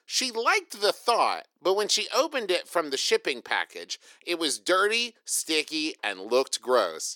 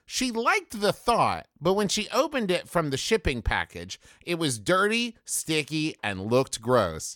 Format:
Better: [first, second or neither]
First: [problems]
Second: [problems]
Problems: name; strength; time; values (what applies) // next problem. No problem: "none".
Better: second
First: thin; somewhat; fading below 350 Hz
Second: none